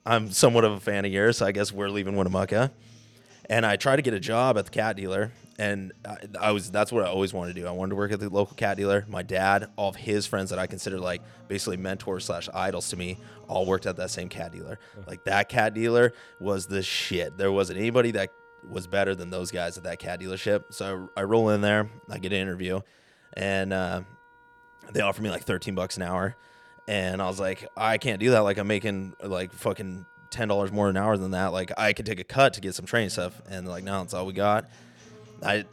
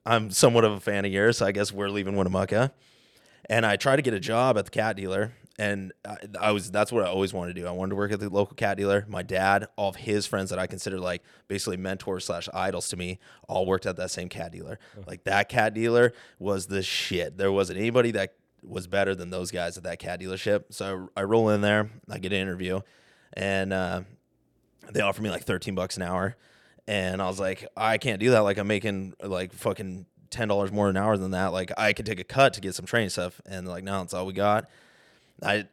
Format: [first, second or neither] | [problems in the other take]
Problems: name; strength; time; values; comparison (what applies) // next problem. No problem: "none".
second | background music; faint; throughout; 25 dB below the speech